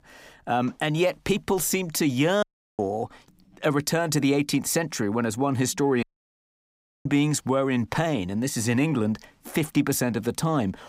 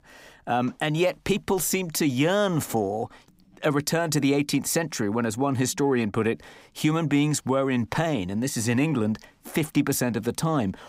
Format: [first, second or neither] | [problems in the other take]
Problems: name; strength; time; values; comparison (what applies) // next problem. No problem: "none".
second | audio cutting out; at 2.5 s and at 6 s for 1 s